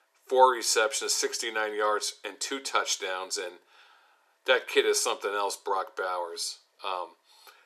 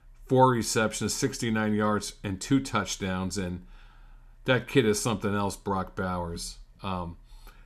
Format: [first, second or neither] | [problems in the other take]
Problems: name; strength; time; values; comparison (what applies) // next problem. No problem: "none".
second | thin; very; fading below 400 Hz